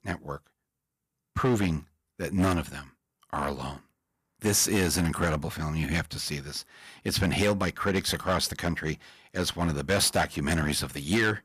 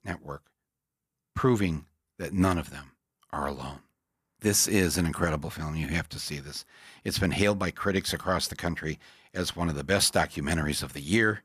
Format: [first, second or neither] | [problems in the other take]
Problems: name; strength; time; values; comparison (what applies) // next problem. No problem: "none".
second | distortion; slight; 4% of the sound clipped